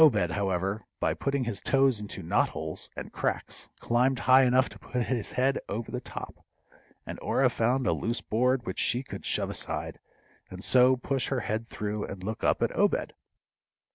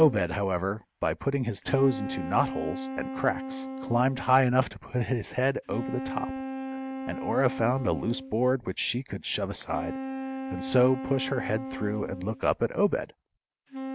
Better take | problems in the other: first | background sound (Wind instrument, woodwind instrument); 9 dB below the speech

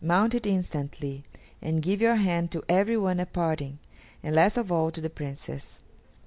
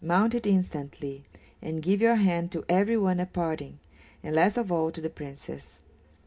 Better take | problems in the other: first | room echo; dies away in 0.3 s

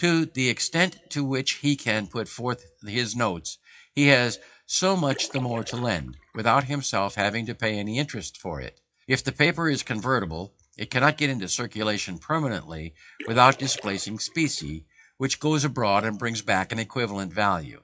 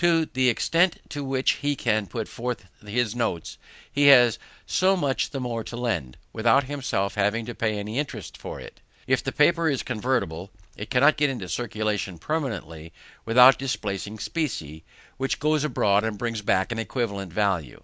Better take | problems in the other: second | noise reduction (classical method WPE with log-MMSE)

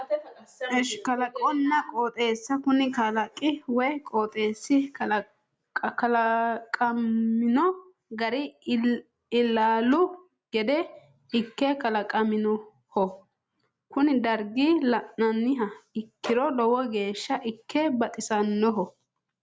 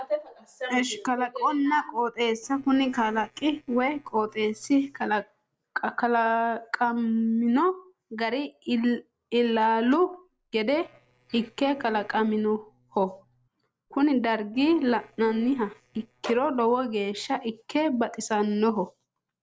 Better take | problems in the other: first | noise reduction (neural separator model SepFormer DNS4)

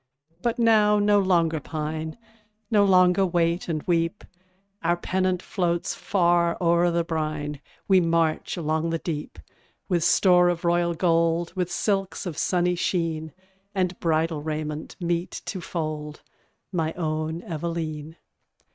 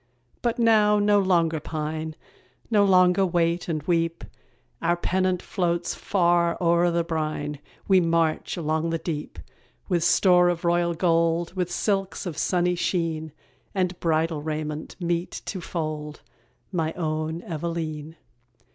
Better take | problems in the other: second | noise reduction (neural mask model RNNoise)

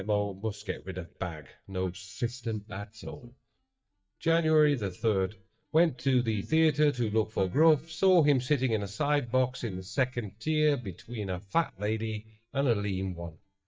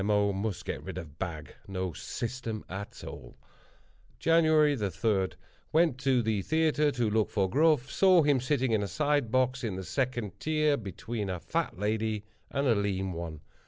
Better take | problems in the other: second | noise reduction (neural mask model DeepFilterNet 3)

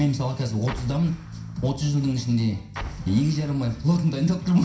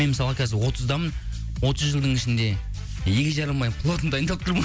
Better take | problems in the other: second | background sound (Explosion); 17 dB below the speech // room echo; dies away in 0.5 s

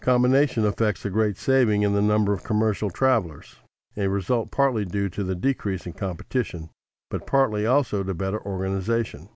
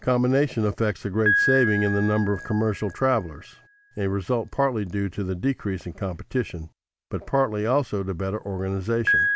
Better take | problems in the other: first | background sound (Piano); 6 dB below the speech

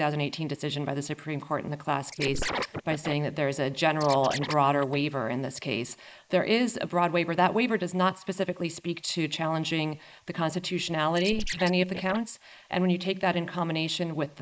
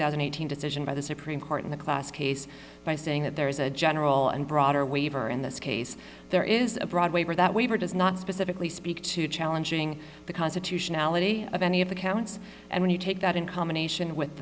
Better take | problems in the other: second | noise reduction (neural mask model Resemble Enhance denoiser)

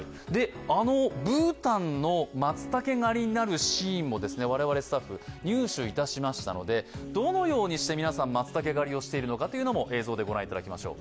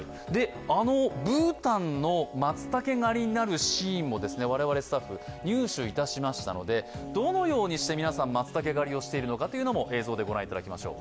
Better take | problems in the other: first | background sound (Telephone); 19 dB below the speech

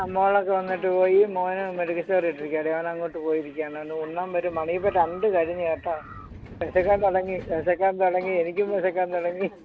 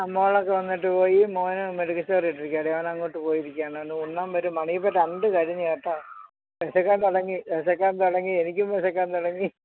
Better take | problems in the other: second | background sound (Subway, metro, underground); 19 dB below the speech

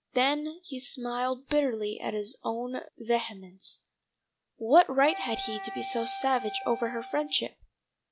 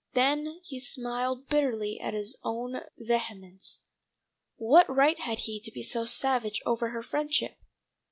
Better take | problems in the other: second | background sound (Wind instrument, woodwind instrument); 9 dB below the speech

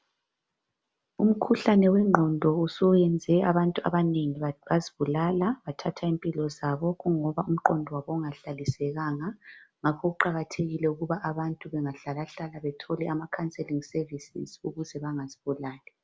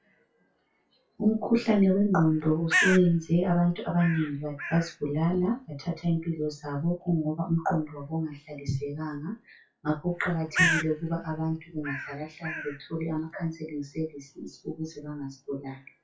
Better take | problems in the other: first | noise reduction (classical method WPE with log-MMSE)

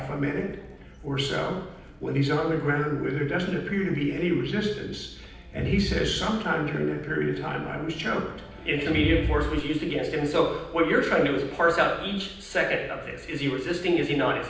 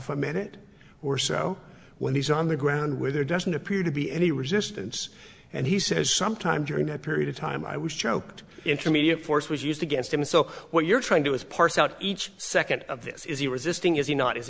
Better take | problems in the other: second | background sound (Crowd); 12 dB below the speech // room echo; dies away in 0.9 s

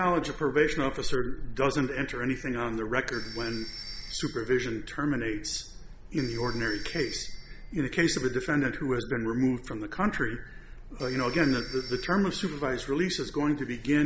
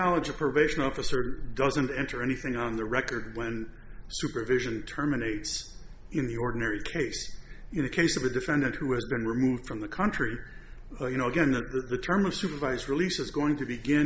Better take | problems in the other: second | background sound (Telephone); 19 dB below the speech

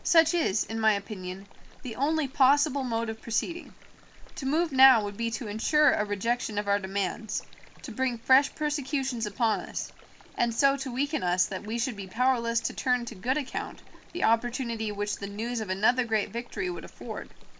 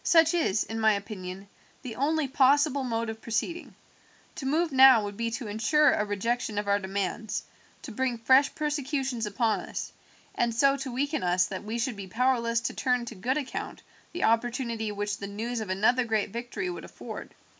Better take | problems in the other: second | background sound (Stream); 18 dB below the speech

